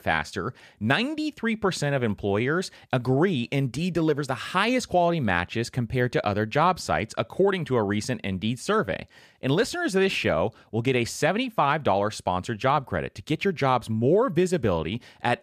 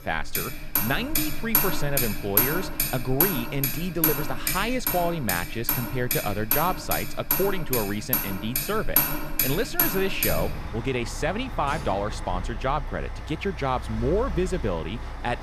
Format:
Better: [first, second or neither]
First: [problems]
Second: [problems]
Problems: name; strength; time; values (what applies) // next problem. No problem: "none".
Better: first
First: none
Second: traffic noise; very loud; throughout; 2 dB above the speech